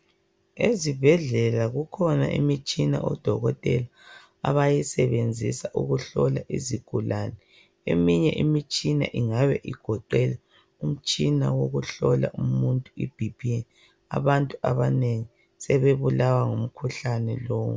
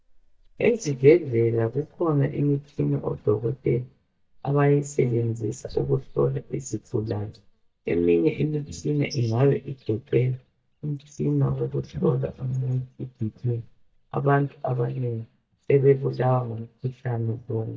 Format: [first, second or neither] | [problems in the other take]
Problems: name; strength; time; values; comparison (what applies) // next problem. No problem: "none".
first | noise reduction (neural mask model DeepFilterNet 3)